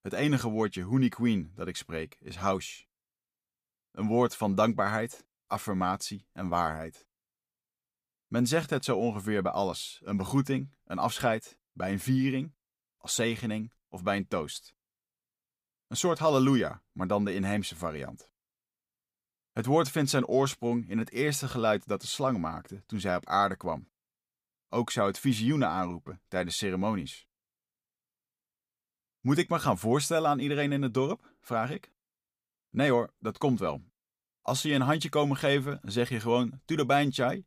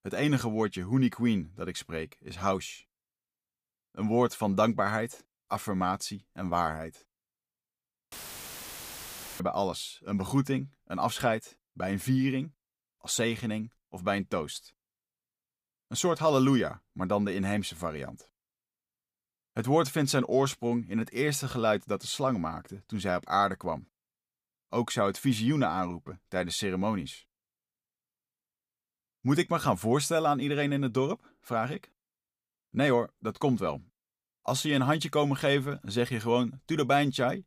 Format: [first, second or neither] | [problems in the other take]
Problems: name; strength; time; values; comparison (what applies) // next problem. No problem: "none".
first | audio cutting out; filled with static; at 8 s for 1.5 s